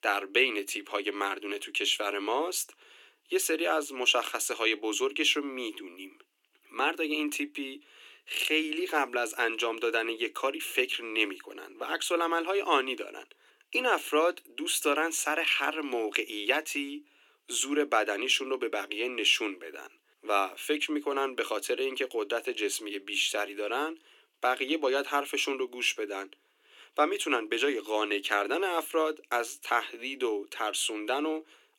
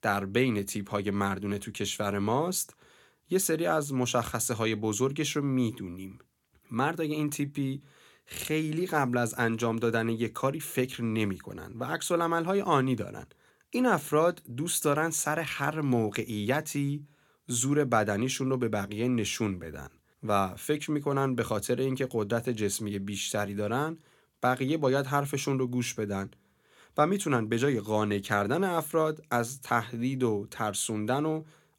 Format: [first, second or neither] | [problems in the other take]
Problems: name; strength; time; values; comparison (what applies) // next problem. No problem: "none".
second | thin; somewhat; fading below 300 Hz